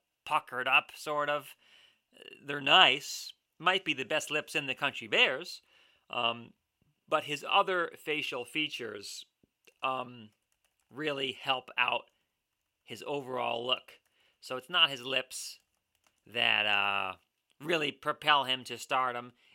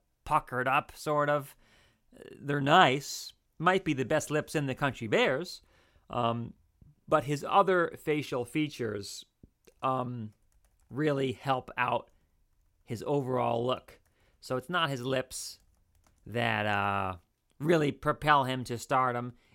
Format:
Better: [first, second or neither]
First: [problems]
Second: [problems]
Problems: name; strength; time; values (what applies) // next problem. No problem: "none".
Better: second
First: thin; somewhat; fading below 550 Hz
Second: none